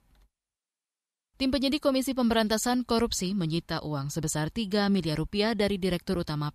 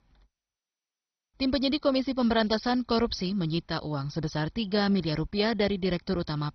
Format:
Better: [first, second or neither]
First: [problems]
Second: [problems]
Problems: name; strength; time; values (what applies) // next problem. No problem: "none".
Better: first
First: none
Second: garbled, watery; badly; nothing above 5.5 kHz